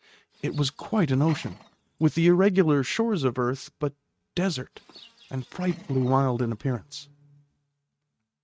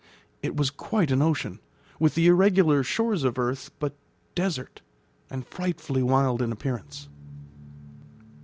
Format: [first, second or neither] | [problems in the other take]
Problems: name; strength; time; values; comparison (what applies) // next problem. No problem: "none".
second | noise reduction (neural mask model RNNoise)